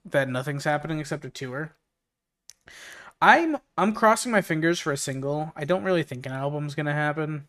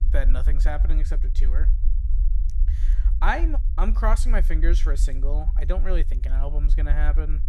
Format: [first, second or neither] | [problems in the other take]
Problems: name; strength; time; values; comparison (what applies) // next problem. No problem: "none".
first | low rumble; noticeable; throughout; 15 dB below the speech